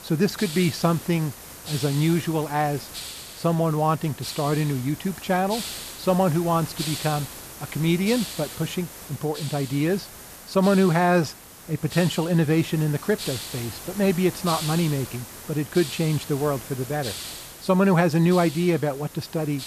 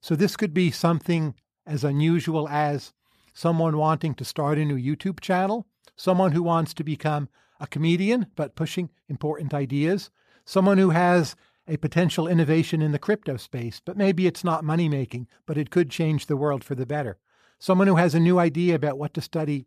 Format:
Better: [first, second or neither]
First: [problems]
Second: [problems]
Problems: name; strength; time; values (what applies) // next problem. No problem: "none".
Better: second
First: hiss; noticeable; throughout; 10 dB below the speech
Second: none